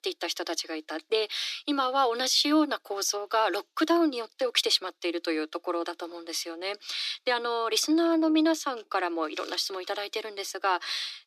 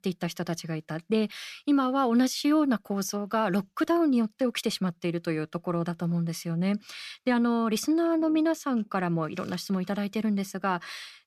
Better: second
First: thin; somewhat; fading below 300 Hz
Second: none

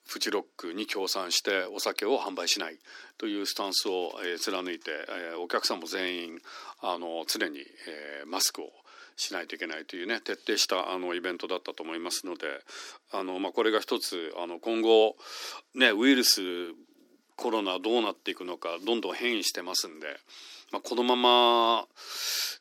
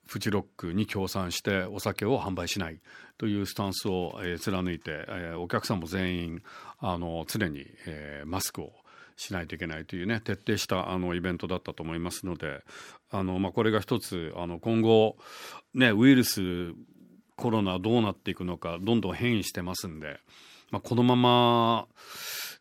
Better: second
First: thin; somewhat; fading below 300 Hz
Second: none

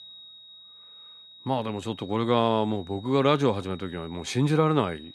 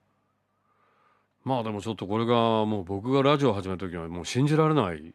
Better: second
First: high-pitched whine; faint; throughout; 4 kHz, 20 dB below the speech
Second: none

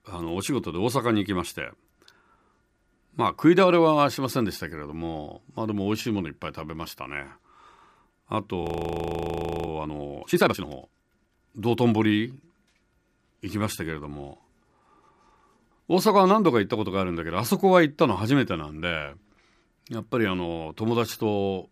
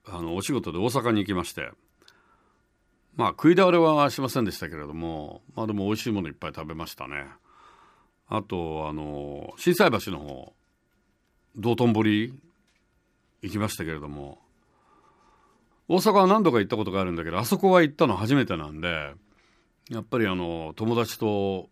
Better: second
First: audio freezing; at 8.5 s for 1 s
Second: none

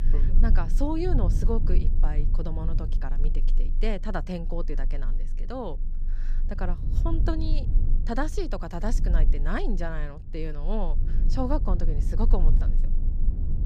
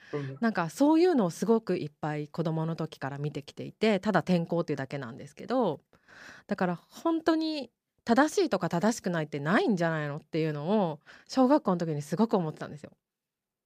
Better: second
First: low rumble; noticeable; throughout; 10 dB below the speech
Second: none

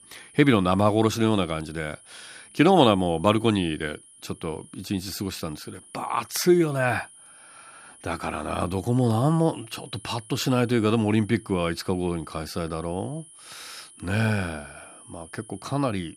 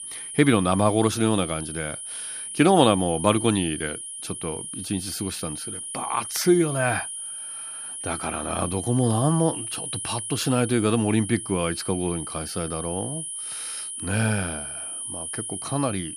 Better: first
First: high-pitched whine; faint; throughout; 10.5 kHz, 25 dB below the speech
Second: high-pitched whine; loud; throughout; 10.5 kHz, 7 dB below the speech

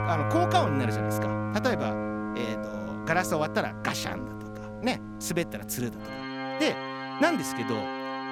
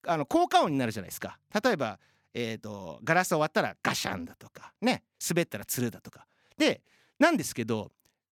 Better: second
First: background music; loud; throughout; 3 dB below the speech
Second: none

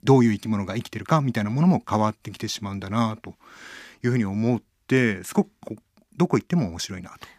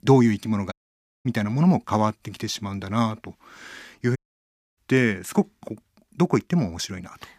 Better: first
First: none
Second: audio cutting out; at 0.5 s for 0.5 s and at 4 s for 0.5 s

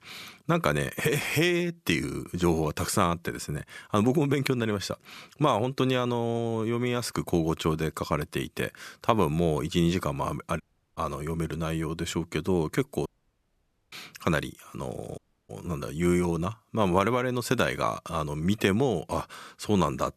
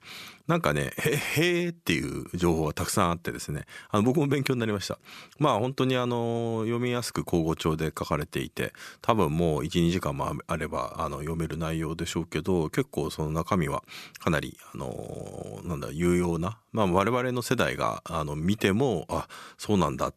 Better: second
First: audio cutting out; at 11 s, at 13 s for 1 s and at 15 s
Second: none

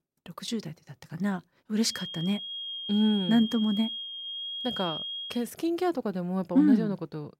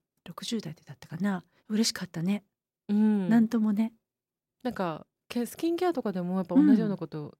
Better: second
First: high-pitched whine; loud; from 2 to 5.5 s; 3.5 kHz, 6 dB below the speech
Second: none

